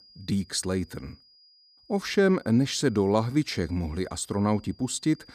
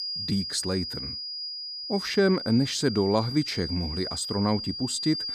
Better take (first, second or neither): first